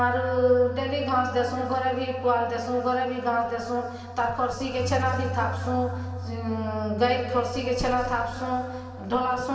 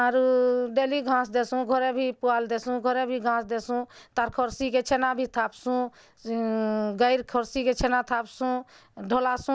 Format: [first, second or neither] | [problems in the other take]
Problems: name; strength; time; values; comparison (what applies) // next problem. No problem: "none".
second | background sound (Bass guitar); 10 dB below the speech // room echo; dies away in 2.6 s